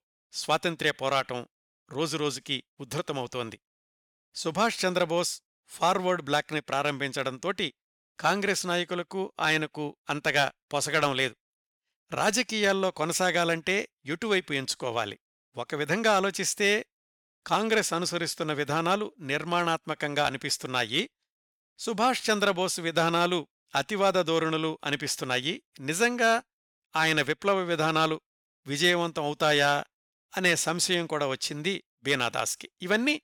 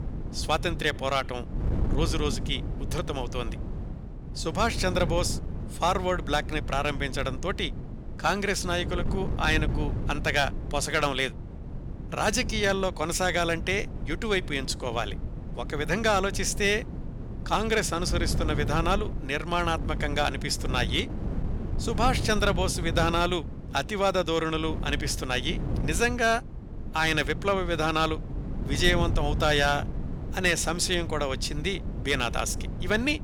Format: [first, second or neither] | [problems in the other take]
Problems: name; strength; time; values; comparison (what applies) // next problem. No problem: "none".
first | wind noise on the microphone; occasional gusts; 15 dB below the speech